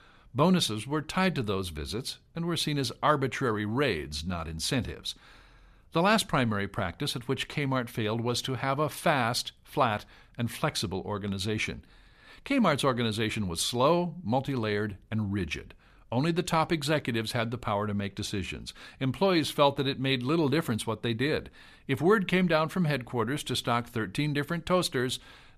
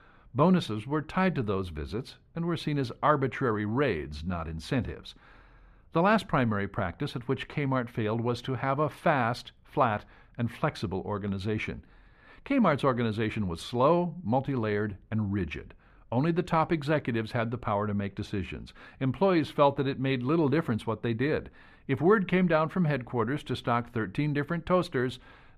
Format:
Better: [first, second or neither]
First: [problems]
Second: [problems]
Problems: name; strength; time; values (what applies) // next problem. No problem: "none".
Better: first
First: none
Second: muffled; slightly; fading above 3.5 kHz